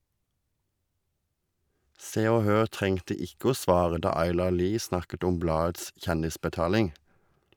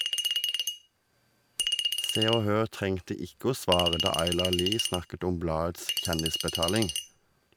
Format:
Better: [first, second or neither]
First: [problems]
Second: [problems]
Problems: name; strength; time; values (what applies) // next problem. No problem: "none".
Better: first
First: none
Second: background sound (Chink, clink); 2 dB below the speech